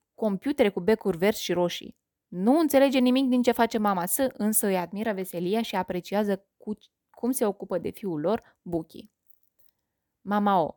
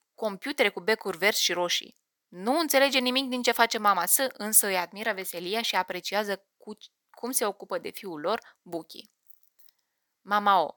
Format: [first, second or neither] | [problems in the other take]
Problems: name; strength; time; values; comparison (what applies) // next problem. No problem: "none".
first | thin; somewhat; fading below 1 kHz